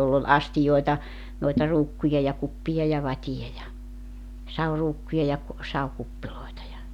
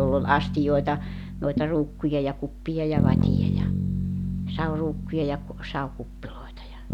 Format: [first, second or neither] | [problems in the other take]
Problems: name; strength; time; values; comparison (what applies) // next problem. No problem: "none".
first | background sound (Bass guitar); 1 dB below the speech